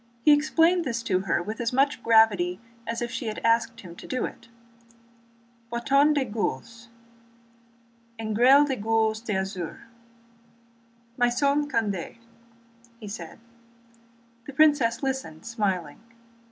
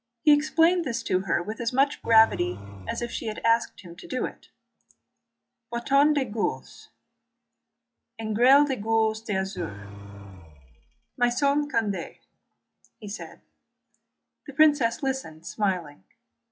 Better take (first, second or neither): first